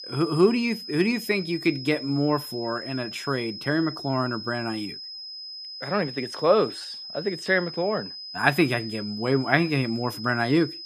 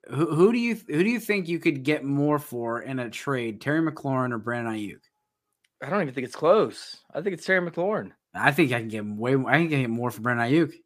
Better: second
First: high-pitched whine; noticeable; throughout; 5 kHz, 10 dB below the speech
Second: none

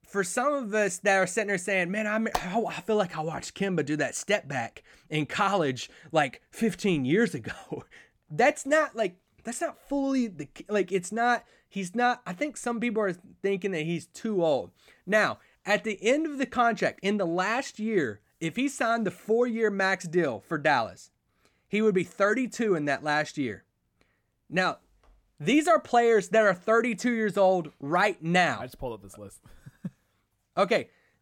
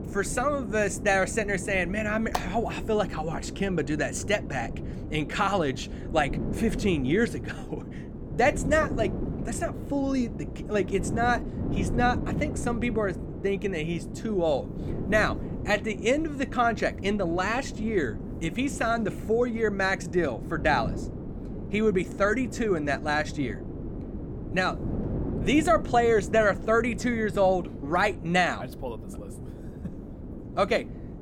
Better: first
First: none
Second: wind noise on the microphone; occasional gusts; 15 dB below the speech

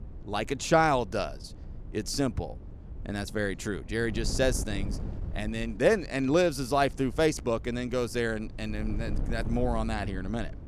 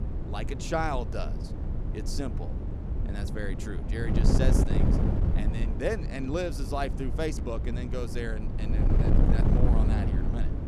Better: first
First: wind noise on the microphone; occasional gusts; 20 dB below the speech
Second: wind noise on the microphone; heavy; 4 dB below the speech

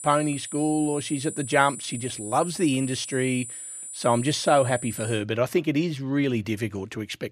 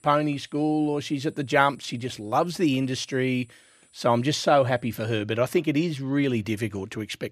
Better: second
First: high-pitched whine; loud; until 5 s; 9 kHz, 9 dB below the speech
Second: high-pitched whine; faint; until 5 s; 9 kHz, 35 dB below the speech

